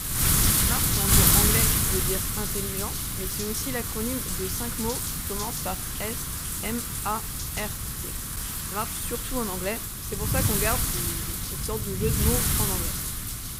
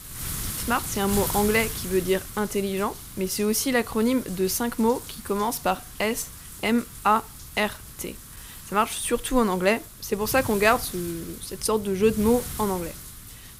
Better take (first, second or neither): second